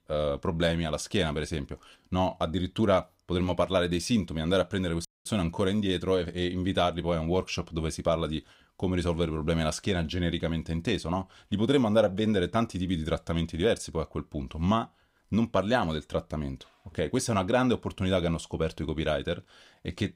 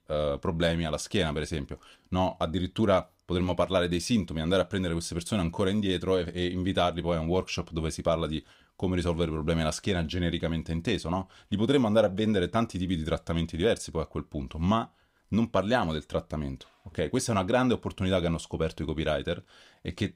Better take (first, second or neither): second